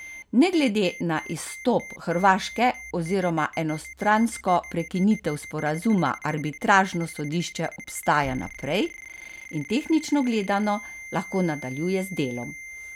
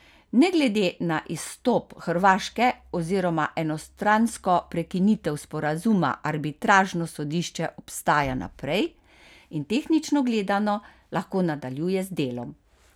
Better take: second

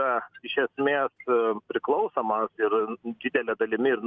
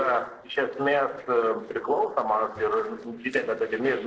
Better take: first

